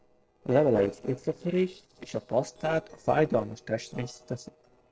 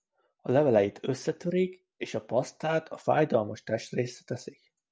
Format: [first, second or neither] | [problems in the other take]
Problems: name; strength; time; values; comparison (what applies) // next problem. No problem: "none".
second | noise reduction (neural separator model SepFormer DNS4)